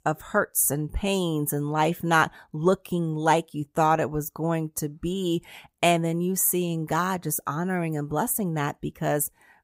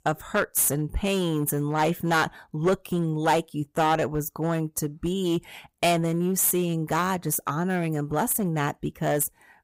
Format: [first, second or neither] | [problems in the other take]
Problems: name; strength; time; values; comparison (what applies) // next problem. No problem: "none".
first | distortion; slight; 5% of the sound clipped